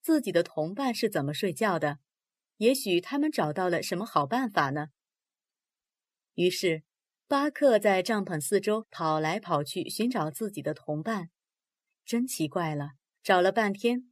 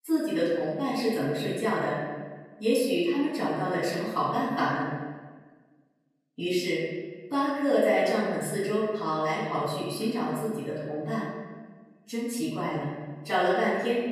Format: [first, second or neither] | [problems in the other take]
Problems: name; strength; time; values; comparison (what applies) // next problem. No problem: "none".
first | off-mic speech; far // room echo; noticeable; dies away in 1.2 s